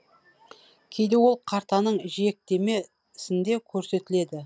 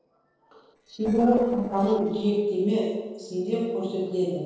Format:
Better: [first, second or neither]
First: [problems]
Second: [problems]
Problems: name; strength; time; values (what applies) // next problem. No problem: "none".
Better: first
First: none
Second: noise reduction (neural separator model SepFormer DNS4)